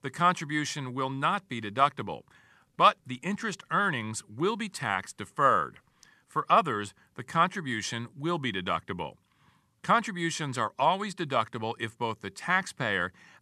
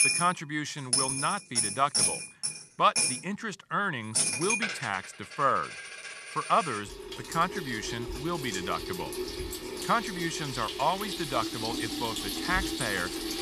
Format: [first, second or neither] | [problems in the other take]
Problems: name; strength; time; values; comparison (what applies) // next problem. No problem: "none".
first | household noises; loud; throughout; as loud as the speech